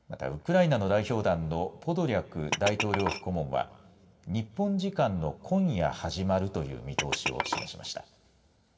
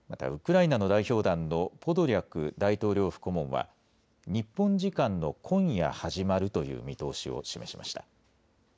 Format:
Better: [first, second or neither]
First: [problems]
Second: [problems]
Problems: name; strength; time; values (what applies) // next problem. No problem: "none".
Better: second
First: background sound (Glass); 8 dB below the speech // room echo; dies away in 1.4 s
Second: none